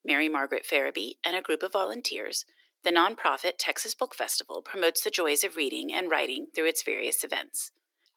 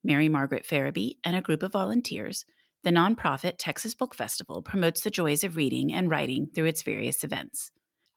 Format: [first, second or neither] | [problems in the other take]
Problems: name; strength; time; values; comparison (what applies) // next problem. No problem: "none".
second | thin; very; fading below 350 Hz